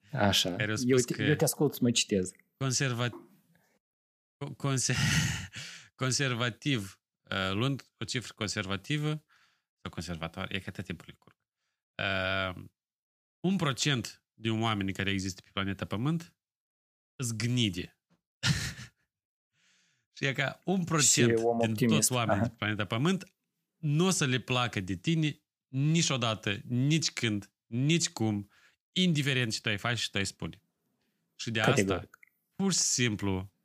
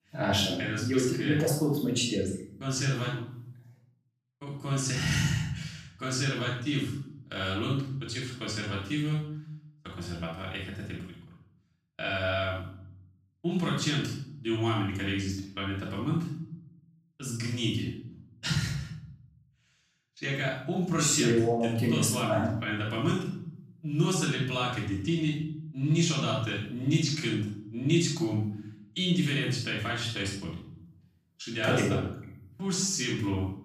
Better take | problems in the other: first | off-mic speech; far // room echo; noticeable; dies away in 0.6 s

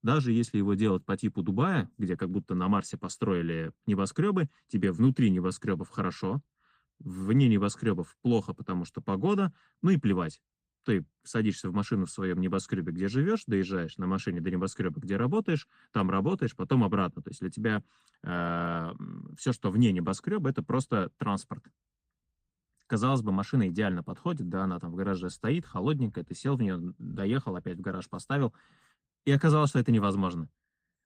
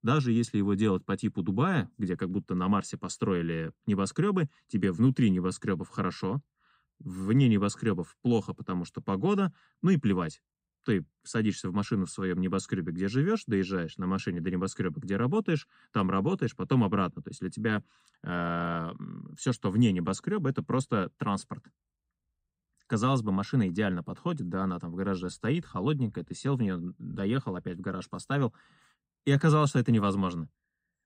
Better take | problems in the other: second | garbled, watery; slightly; nothing above 15.5 kHz

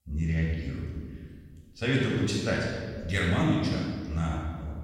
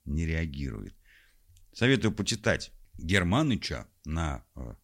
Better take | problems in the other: second | off-mic speech; far // room echo; strong; dies away in 1.6 s

